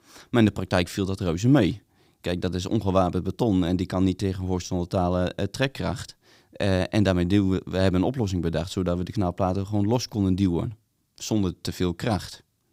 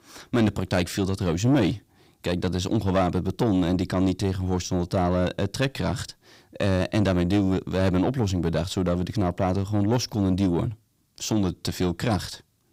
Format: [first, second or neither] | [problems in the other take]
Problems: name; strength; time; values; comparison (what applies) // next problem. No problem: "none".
first | distortion; slight; 10 dB below the speech